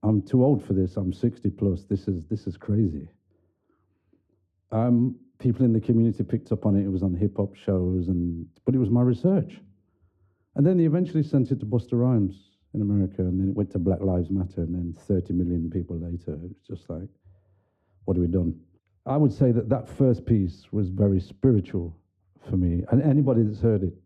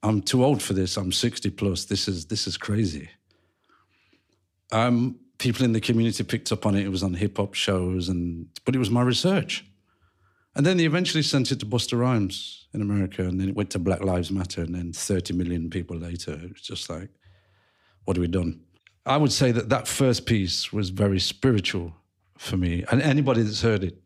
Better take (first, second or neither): second